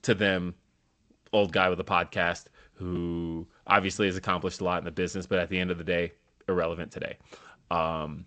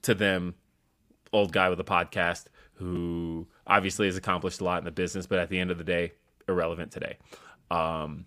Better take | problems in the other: second | garbled, watery; slightly; nothing above 8 kHz

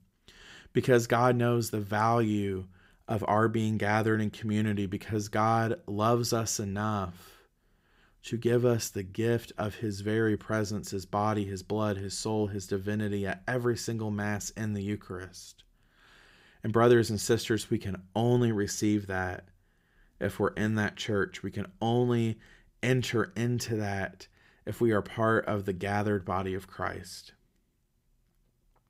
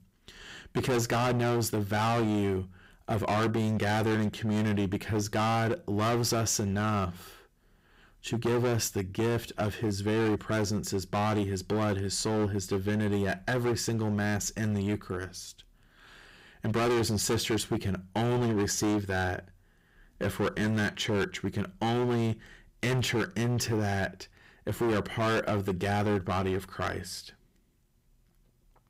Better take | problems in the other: first | distortion; heavy; 18% of the sound clipped

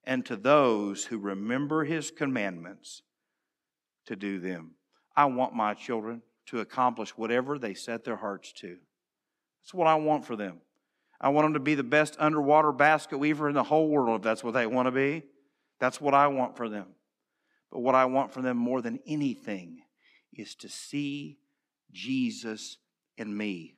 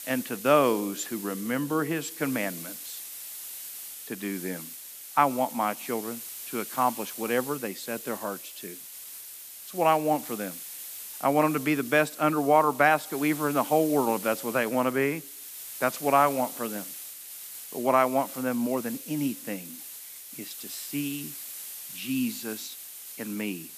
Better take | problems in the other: first | hiss; noticeable; throughout; 10 dB below the speech

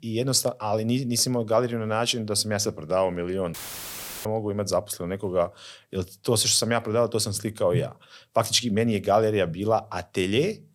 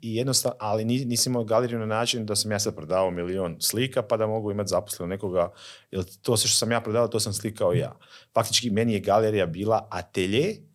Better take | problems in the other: second | audio cutting out; filled with static; at 3.5 s for 0.5 s

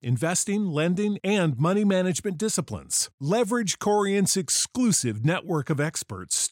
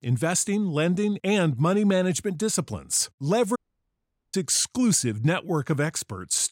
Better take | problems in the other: first | audio cutting out; at 3.5 s for 1 s

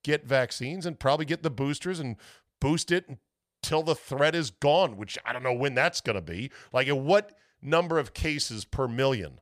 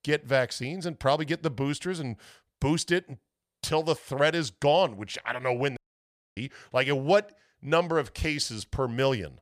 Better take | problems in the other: first | audio cutting out; at 6 s for 0.5 s

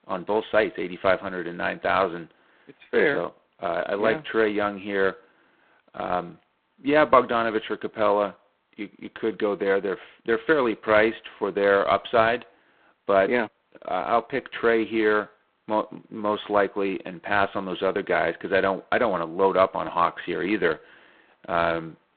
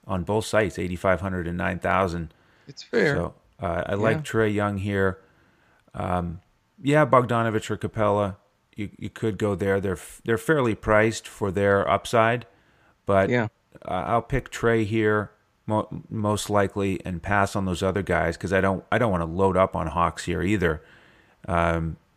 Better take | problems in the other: second | phone-call audio; poor line; nothing above 4 kHz

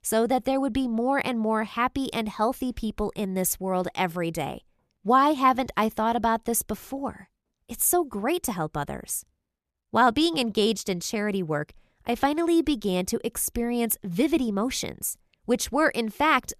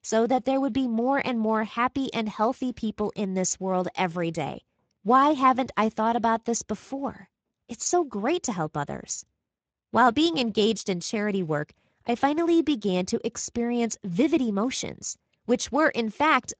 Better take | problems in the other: first | garbled, watery; slightly; nothing above 7.5 kHz

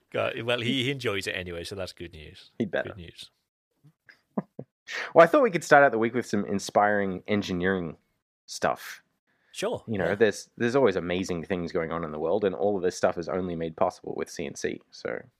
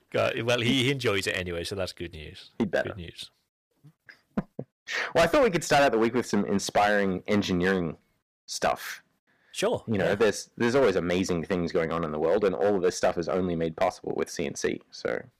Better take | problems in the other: first | distortion; heavy; 5% of the sound clipped

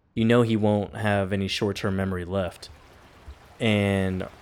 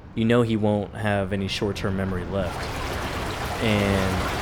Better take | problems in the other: first | rain or running water; loud; throughout; 5 dB below the speech; faint in the first

